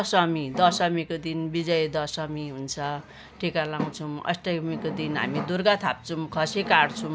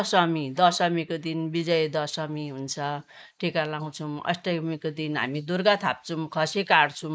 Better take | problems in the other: first | noise reduction (neural mask model Resemble Enhance denoiser)

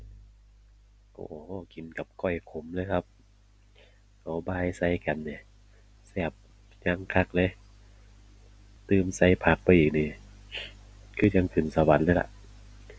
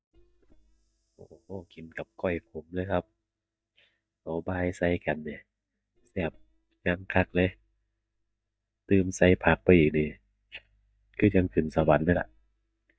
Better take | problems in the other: first | noise reduction (neural mask model DeepFilterNet 3)

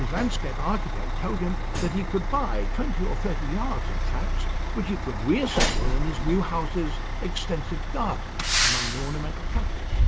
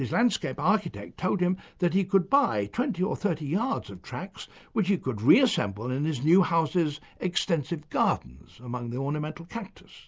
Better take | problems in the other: second | background sound (Truck); 5 dB above the speech

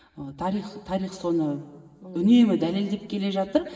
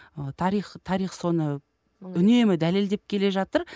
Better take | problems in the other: second | room echo; dies away in 2.4 s

